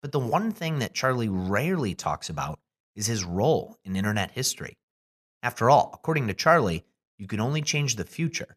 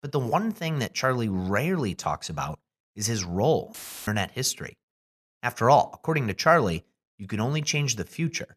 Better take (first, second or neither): first